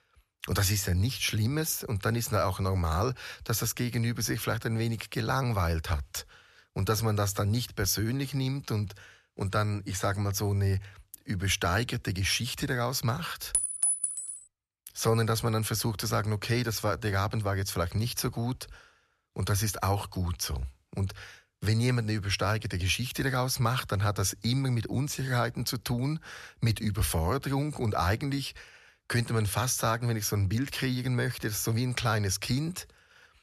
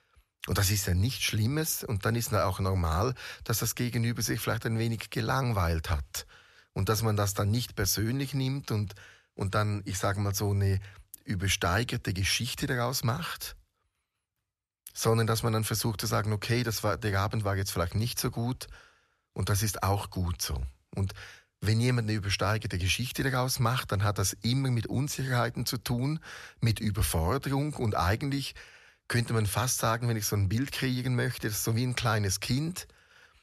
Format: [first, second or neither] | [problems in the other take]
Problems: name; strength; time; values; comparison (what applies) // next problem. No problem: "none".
second | clattering dishes; loud; at 14 s; peak 4 dB above the speech